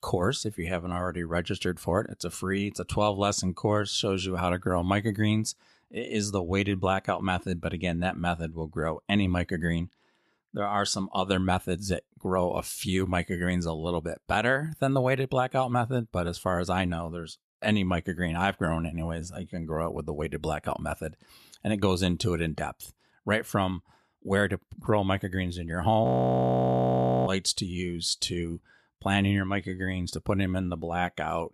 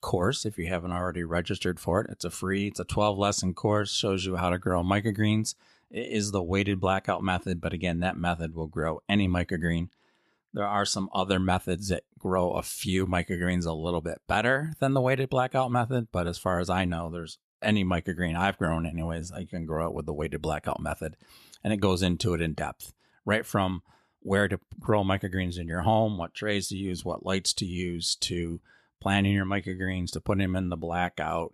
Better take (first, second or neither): second